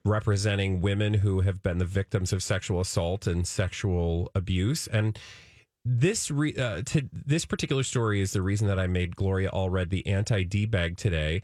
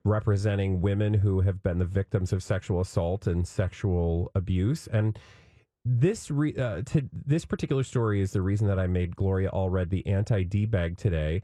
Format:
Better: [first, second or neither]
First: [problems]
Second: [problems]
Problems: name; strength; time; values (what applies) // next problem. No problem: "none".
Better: first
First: none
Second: muffled; slightly; fading above 1.5 kHz